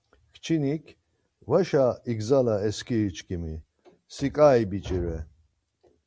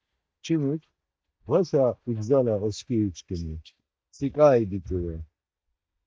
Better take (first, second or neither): first